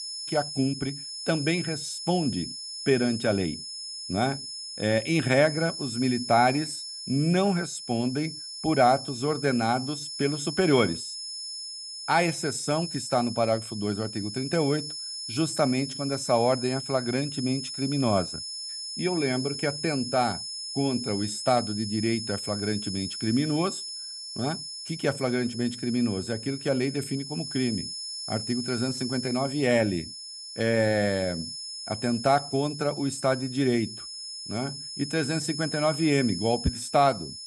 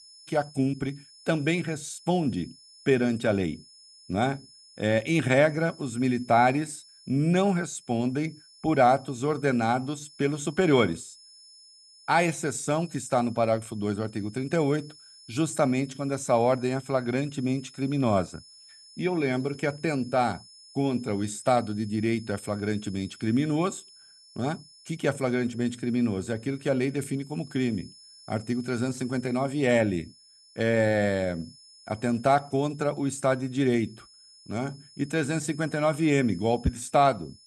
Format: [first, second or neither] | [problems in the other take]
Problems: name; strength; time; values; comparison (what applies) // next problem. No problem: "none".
second | high-pitched whine; loud; throughout; 5 kHz, 7 dB below the speech; faint in the second